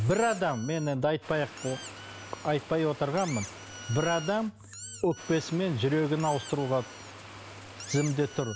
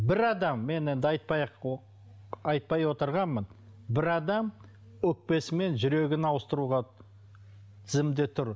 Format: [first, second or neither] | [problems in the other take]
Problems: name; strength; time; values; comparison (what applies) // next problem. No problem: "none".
second | background sound (Squeak + Water); 14 dB below the speech